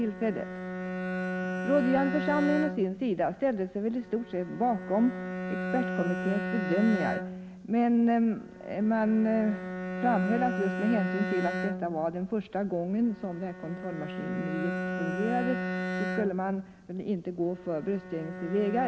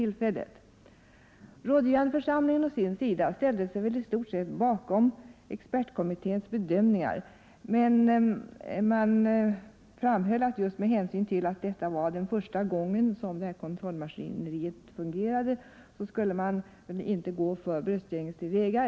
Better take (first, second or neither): second